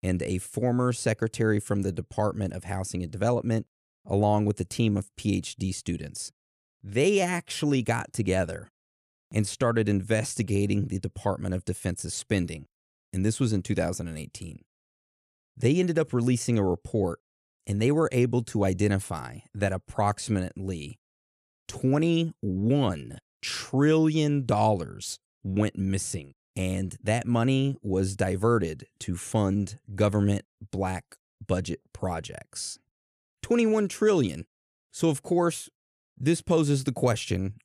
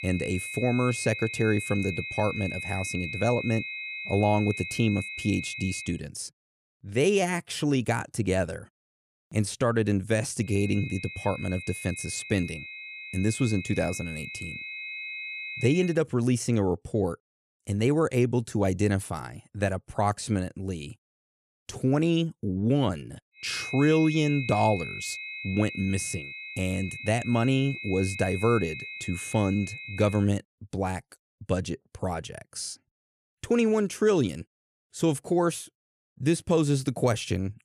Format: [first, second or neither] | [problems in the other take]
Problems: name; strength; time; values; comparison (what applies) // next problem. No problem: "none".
first | high-pitched whine; loud; until 6 s, from 10 to 16 s and from 23 to 30 s; 2.5 kHz, 8 dB below the speech